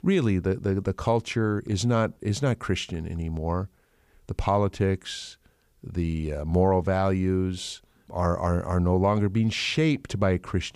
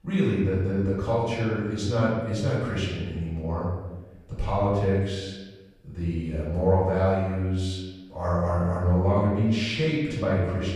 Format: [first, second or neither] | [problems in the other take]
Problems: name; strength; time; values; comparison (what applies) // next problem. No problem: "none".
first | room echo; noticeable; dies away in 1.2 s // off-mic speech; far